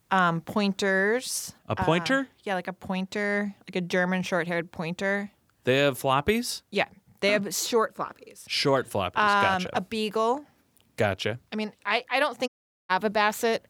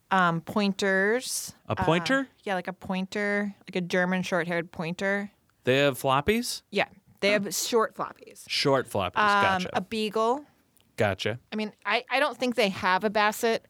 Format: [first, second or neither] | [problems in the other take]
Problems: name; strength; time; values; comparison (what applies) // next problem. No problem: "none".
second | audio cutting out; at 12 s